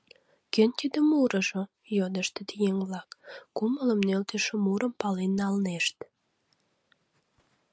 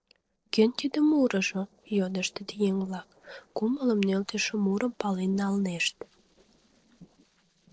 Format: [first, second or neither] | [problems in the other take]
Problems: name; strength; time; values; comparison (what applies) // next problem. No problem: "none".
first | noise reduction (neural separator model SepFormer DNS4)